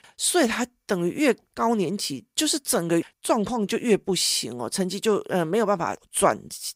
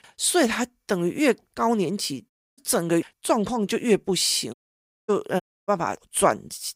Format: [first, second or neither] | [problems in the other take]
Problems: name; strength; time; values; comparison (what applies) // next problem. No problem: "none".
first | audio cutting out; at 2.5 s, at 4.5 s for 0.5 s and at 5.5 s